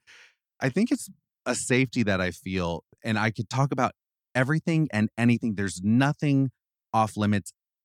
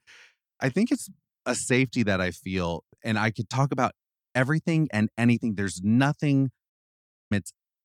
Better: first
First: none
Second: audio cutting out; at 6.5 s for 0.5 s

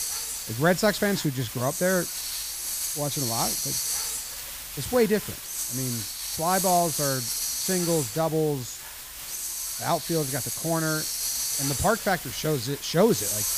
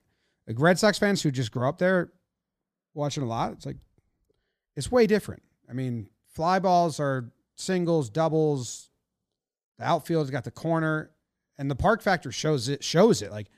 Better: second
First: hiss; loud; throughout; 2 dB below the speech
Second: none

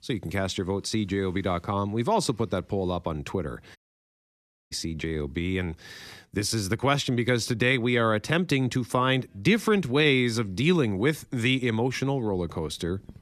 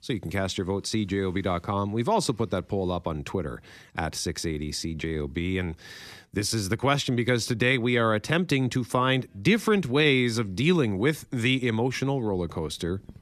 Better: second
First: audio cutting out; at 4 s for 1 s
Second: none

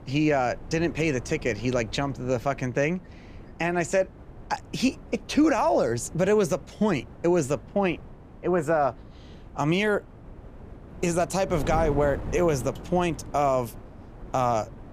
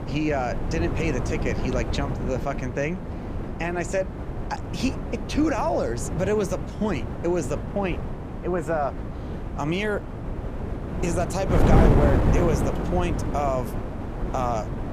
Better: first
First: wind noise on the microphone; occasional gusts; 20 dB below the speech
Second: wind noise on the microphone; heavy; 5 dB below the speech

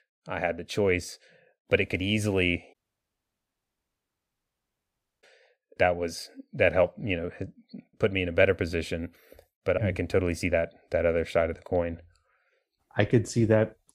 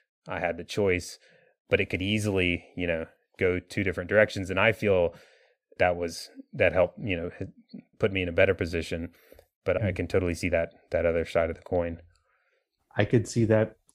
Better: second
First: audio cutting out; at 2.5 s for 2.5 s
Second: none

